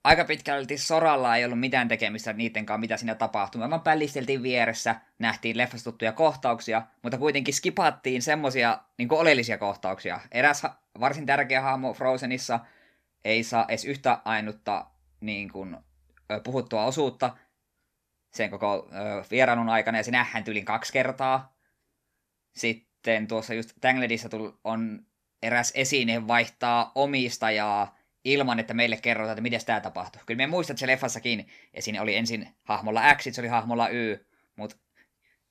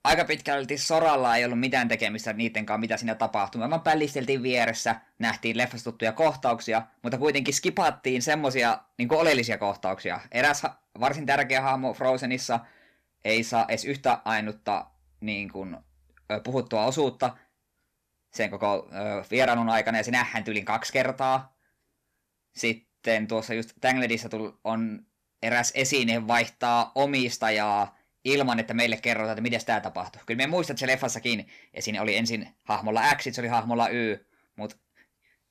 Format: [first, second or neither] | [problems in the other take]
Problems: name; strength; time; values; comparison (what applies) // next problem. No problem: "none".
first | distortion; slight; 1.8% of the sound clipped